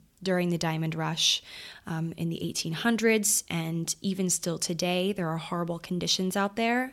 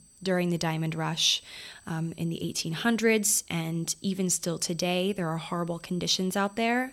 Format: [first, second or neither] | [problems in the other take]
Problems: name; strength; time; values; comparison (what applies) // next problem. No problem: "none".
first | high-pitched whine; faint; throughout; 8 kHz, 25 dB below the speech